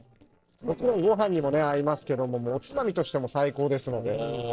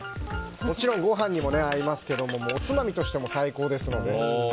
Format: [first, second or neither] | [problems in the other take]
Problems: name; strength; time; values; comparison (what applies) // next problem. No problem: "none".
second | noise reduction (neural separator model SepFormer DNS4)